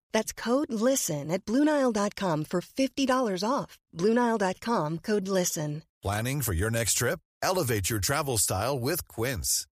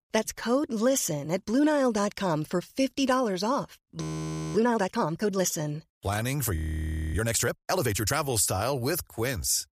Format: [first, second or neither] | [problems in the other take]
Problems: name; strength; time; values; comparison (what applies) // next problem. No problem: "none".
first | audio freezing; at 4 s for 0.5 s and at 6.5 s for 0.5 s